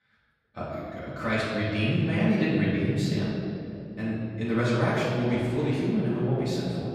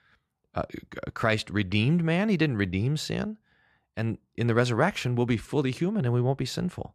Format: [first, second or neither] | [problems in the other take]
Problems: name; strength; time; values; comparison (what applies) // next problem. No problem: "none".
second | room echo; strong; dies away in 2.6 s // off-mic speech; far